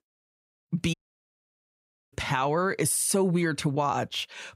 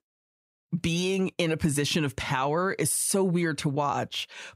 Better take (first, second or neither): second